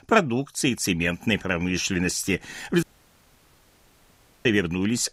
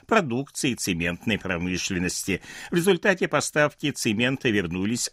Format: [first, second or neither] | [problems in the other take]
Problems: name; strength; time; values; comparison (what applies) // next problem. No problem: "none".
second | audio cutting out; at 3 s for 1.5 s